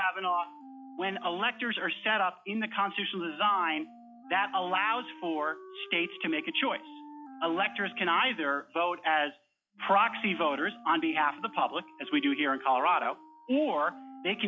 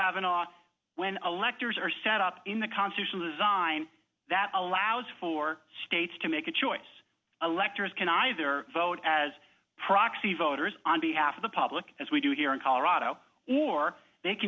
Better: second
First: noise reduction (classical method log-MMSE)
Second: none

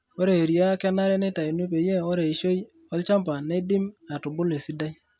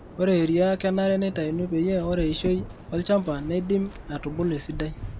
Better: first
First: none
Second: background sound (Waves, surf); 13 dB below the speech

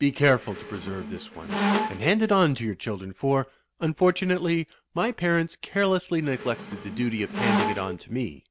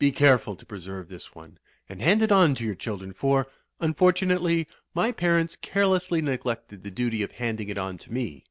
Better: second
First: background sound (Squeak); 4 dB below the speech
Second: none

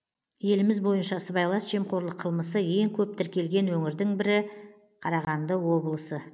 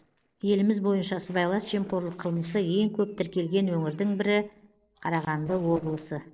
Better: first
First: none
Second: noise reduction (neural separator model SepFormer DNS4)

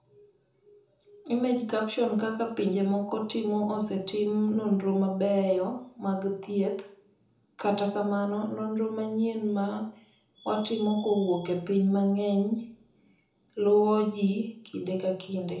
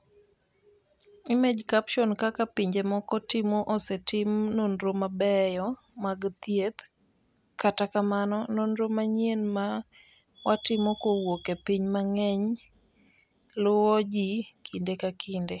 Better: second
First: room echo; dies away in 0.5 s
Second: none

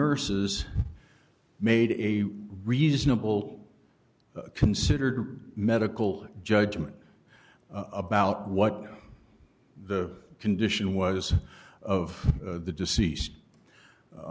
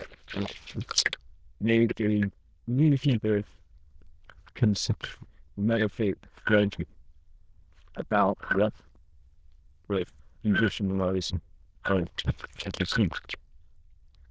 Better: first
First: none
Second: noise reduction (neural diffusion model UNIVERSE++)

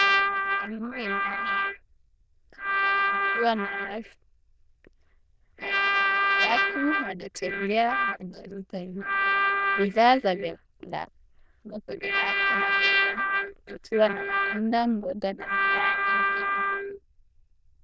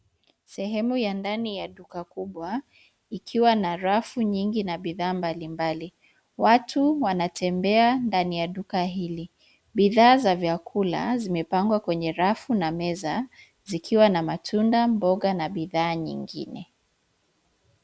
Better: second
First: noise reduction (neural diffusion model UNIVERSE++)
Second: none

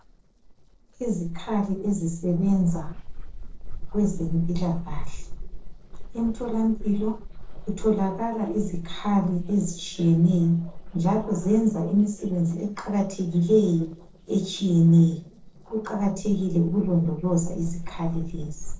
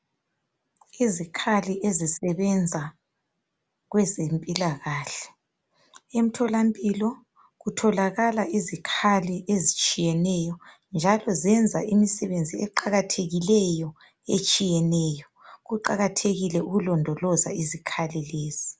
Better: second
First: noise reduction (neural separator model SepFormer DNS4)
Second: none

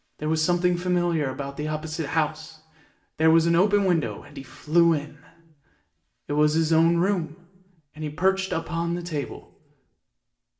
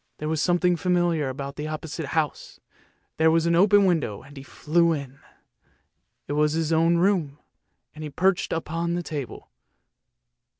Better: second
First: room echo; dies away in 0.5 s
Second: none

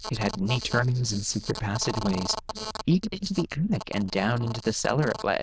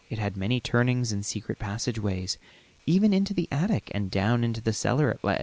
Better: second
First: noise reduction (neural diffusion model UNIVERSE++)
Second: none

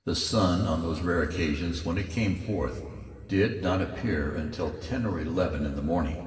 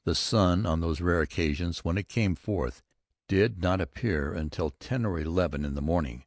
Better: second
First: room echo; dies away in 2.7 s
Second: none

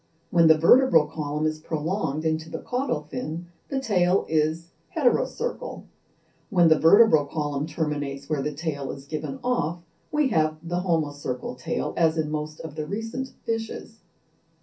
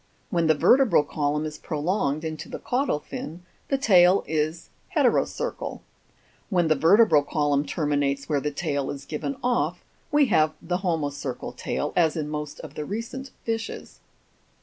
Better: second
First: room echo; dies away in 0.3 s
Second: none

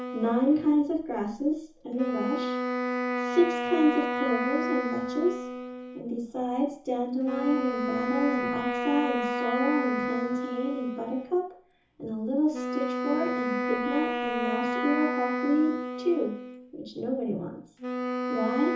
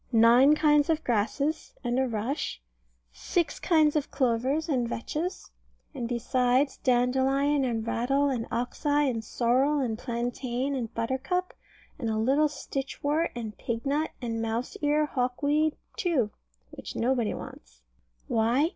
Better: second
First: background sound (Wind instrument, woodwind instrument); 2 dB below the speech // room echo; dies away in 0.6 s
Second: none

